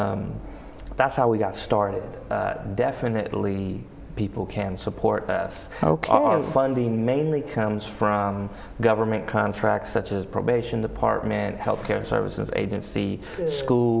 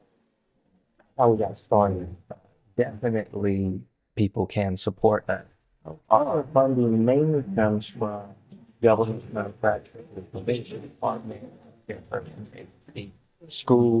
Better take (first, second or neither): first